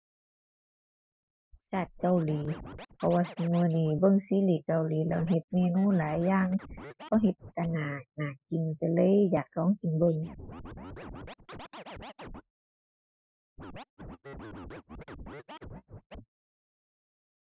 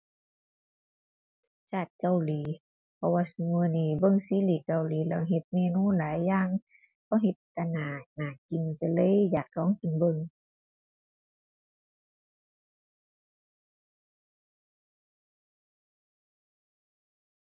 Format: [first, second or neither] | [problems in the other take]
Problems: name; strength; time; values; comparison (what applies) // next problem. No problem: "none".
second | noise reduction (neural mask model Resemble Enhance denoiser)